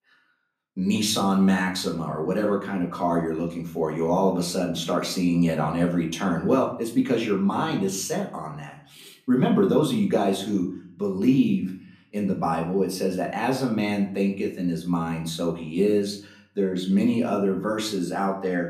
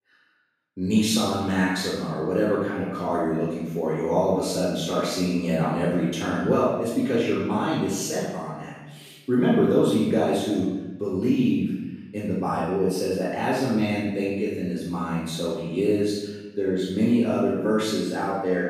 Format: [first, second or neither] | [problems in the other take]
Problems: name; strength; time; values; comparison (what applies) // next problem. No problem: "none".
first | room echo; strong; dies away in 1 s; slight in the first // off-mic speech; far; far in the first